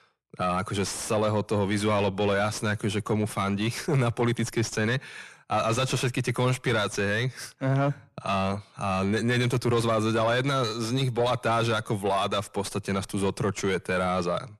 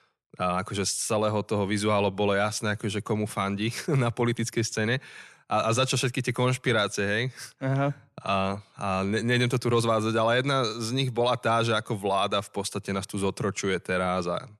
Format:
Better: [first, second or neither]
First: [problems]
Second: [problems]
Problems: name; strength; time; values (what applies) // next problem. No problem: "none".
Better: second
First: distortion; slight; 10 dB below the speech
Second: none